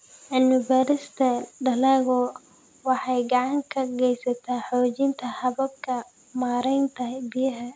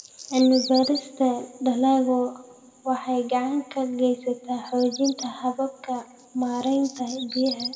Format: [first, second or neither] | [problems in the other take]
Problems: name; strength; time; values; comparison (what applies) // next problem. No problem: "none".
first | background sound (Bird vocalization, bird call, bird song); 15 dB below the speech // room echo; dies away in 1.2 s